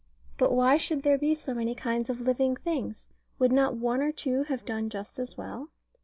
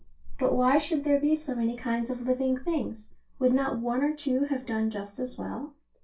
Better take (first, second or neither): first